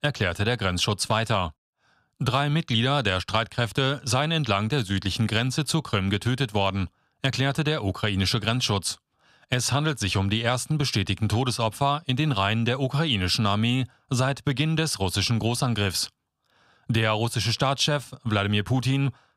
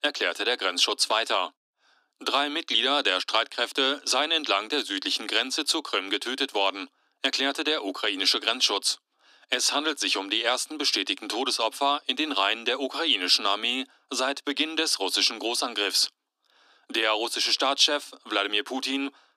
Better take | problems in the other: first | thin; somewhat; fading below 250 Hz

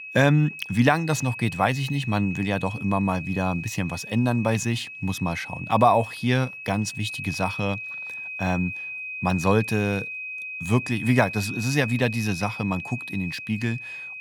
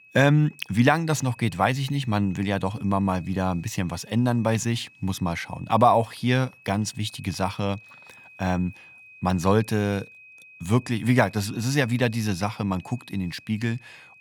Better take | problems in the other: second | high-pitched whine; loud; throughout; 2.5 kHz, 9 dB below the speech; faint in the second

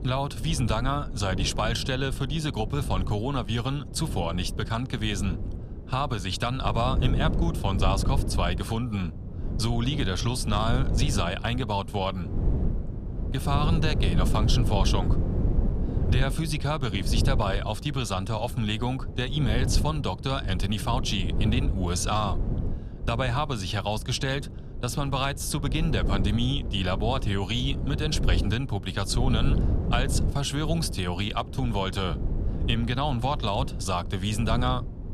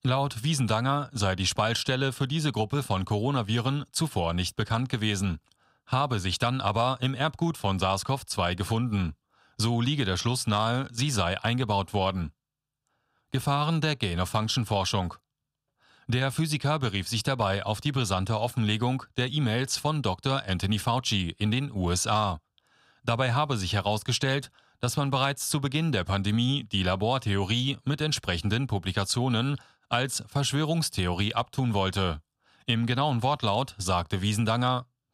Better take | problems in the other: second | wind noise on the microphone; occasional gusts; 10 dB below the speech

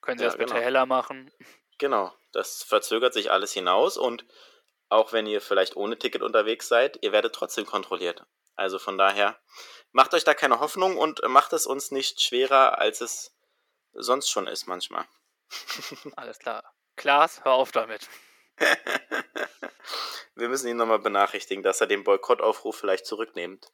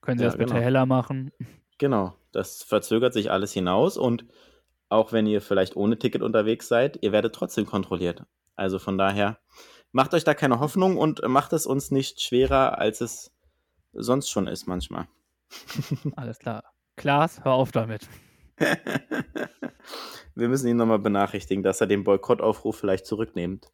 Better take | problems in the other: second | thin; very; fading below 400 Hz

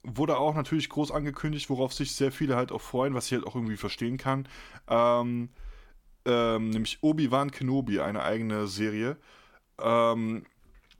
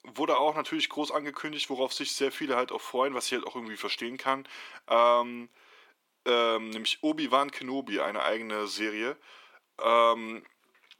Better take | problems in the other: first | thin; somewhat; fading below 350 Hz

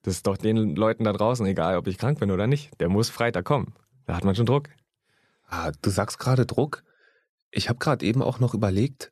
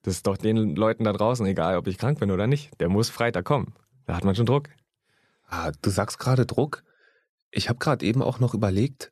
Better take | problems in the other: neither | none

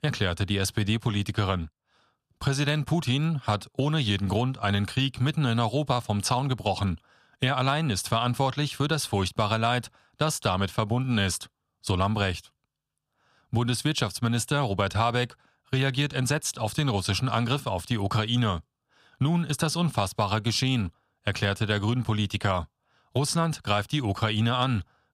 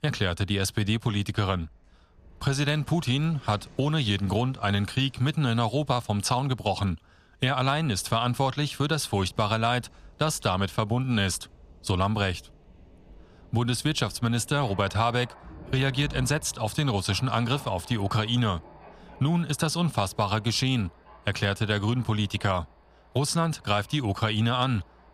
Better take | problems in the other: first | rain or running water; faint; throughout; 25 dB below the speech

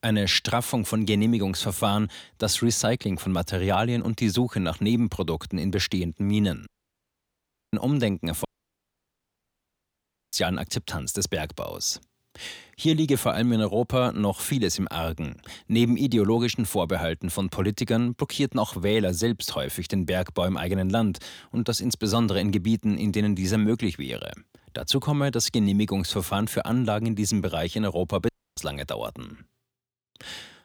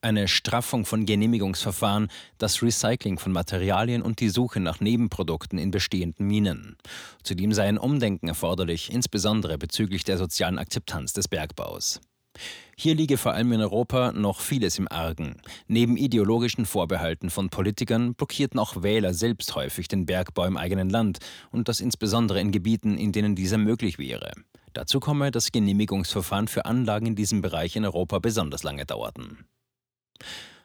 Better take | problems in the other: second | audio cutting out; at 6.5 s for 1 s, at 8.5 s for 2 s and at 28 s

